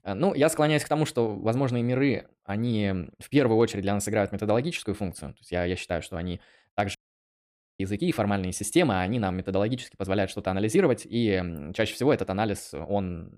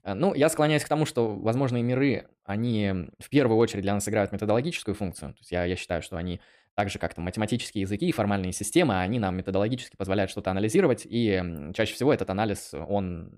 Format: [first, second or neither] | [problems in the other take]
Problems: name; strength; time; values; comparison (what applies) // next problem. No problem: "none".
second | audio cutting out; at 7 s for 1 s